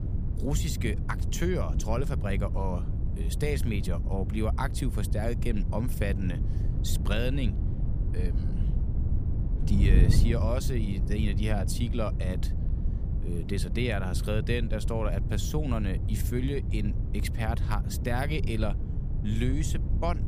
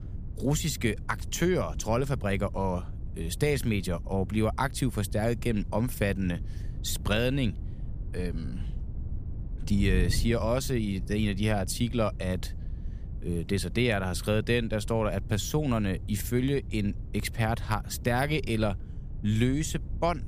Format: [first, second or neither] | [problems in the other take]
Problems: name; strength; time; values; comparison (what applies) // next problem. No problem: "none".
second | wind noise on the microphone; heavy; 9 dB below the speech; occasional gusts in the second